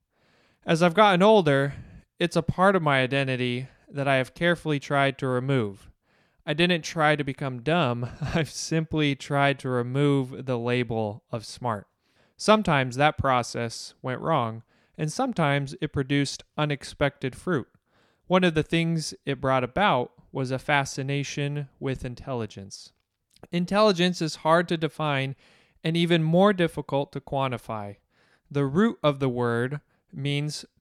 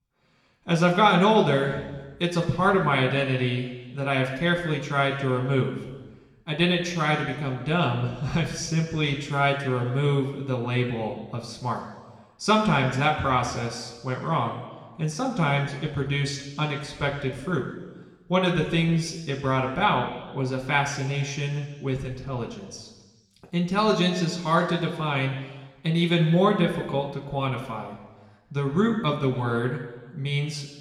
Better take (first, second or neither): first